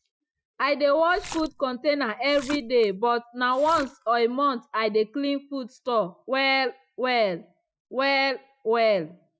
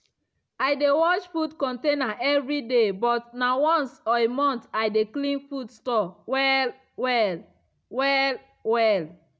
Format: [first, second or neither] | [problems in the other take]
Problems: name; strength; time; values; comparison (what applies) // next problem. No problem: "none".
second | noise reduction (classical method Wiener filter)